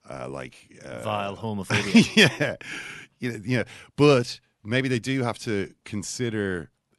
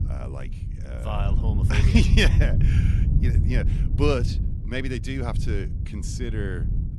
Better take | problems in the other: first | wind noise on the microphone; heavy; 9 dB below the speech

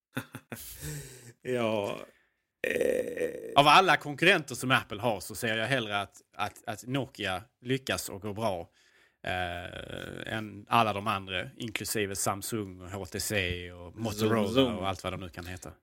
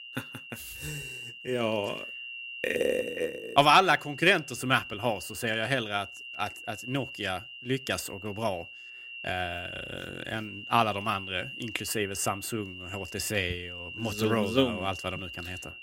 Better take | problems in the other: first | high-pitched whine; noticeable; throughout; 3 kHz, 10 dB below the speech

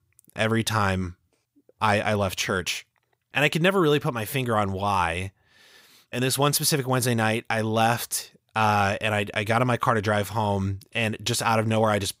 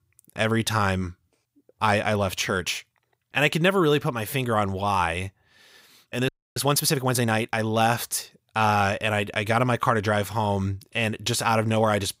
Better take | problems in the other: first | audio freezing; at 6.5 s

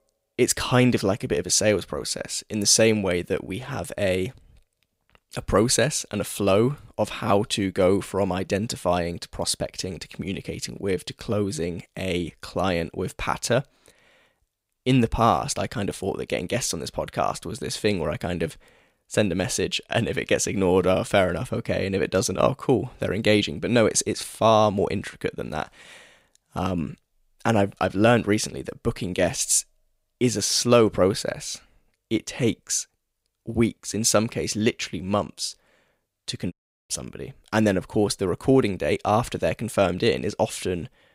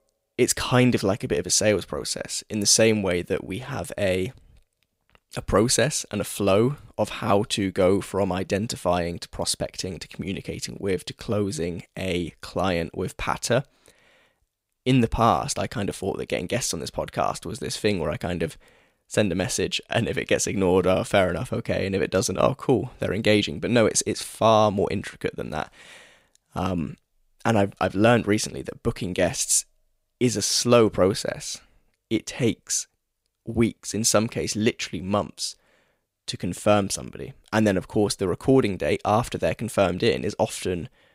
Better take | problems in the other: second | audio cutting out; at 37 s

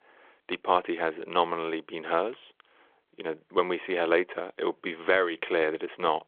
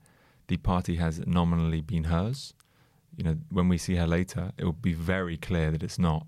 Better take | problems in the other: second | phone-call audio; nothing above 3.5 kHz

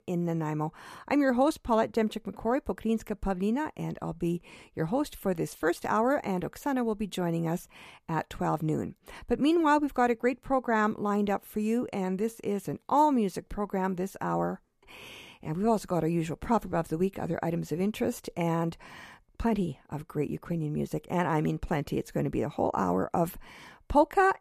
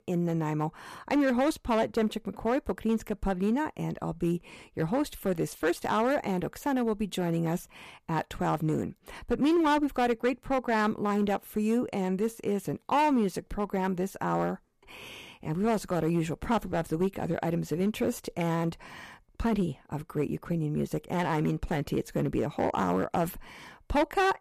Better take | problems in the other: first | distortion; slight; 5% of the sound clipped

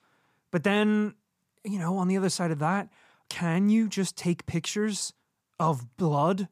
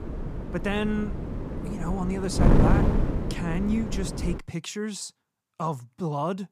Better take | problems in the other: first | wind noise on the microphone; heavy; until 4.5 s; 1 dB below the speech

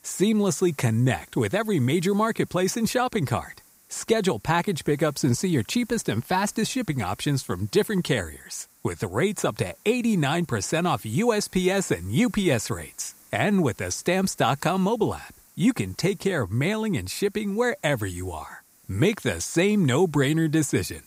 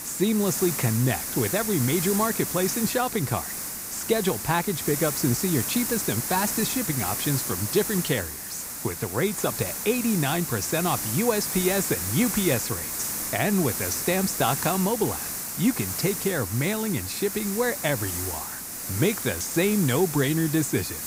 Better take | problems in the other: first | hiss; loud; throughout; 3 dB below the speech; faint in the first

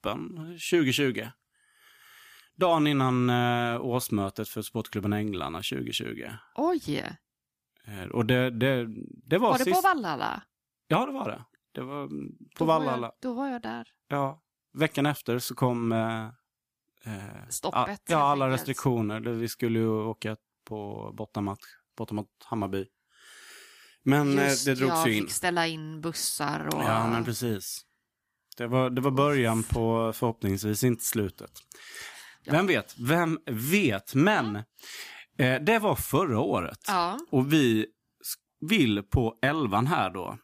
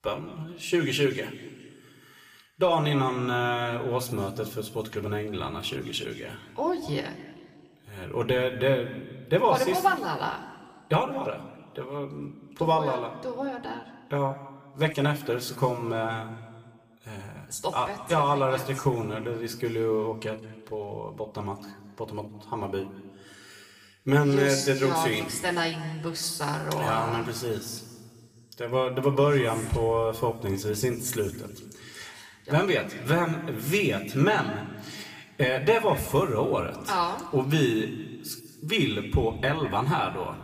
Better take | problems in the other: first | room echo; slight; dies away in 1.7 s

